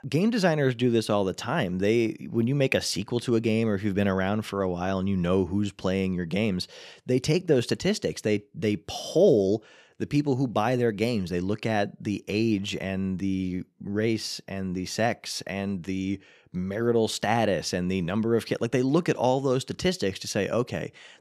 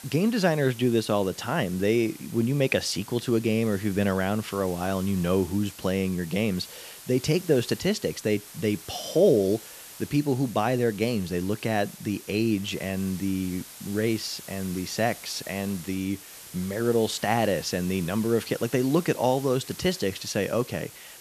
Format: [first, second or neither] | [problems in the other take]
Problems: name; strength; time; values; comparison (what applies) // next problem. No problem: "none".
first | hiss; noticeable; throughout; 15 dB below the speech